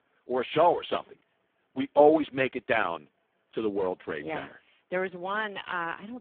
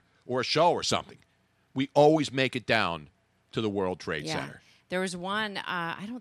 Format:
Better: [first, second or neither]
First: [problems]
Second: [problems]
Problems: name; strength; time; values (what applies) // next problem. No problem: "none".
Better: second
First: phone-call audio; poor line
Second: none